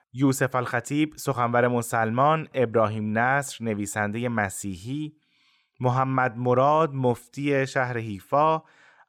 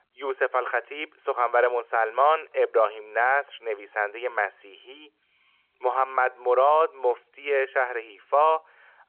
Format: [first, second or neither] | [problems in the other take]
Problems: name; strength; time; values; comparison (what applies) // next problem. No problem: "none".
first | phone-call audio